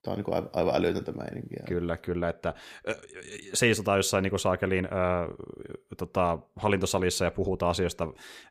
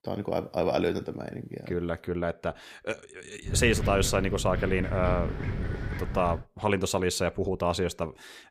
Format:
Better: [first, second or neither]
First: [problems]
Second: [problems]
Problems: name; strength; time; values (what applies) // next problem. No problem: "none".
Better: first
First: none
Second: wind noise on the microphone; occasional gusts; from 3.5 to 6.5 s; 10 dB below the speech